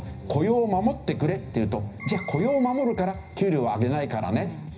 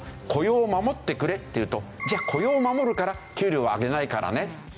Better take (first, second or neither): second